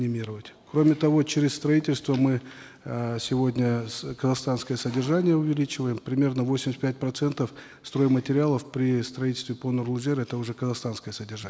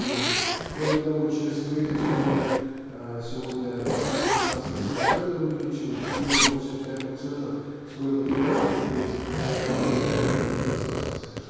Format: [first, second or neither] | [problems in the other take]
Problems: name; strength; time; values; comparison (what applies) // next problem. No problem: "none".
first | background sound (Zipper (clothing)); 1 dB above the speech // room echo; dies away in 2.2 s